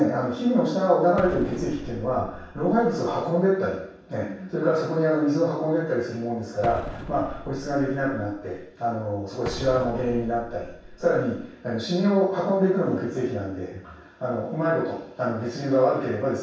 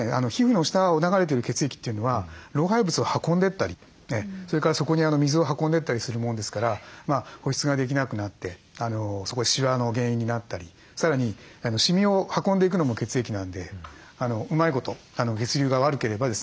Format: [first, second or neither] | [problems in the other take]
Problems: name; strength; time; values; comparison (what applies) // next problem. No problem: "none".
second | background sound (Explosion); 13 dB below the speech // room echo; dies away in 0.7 s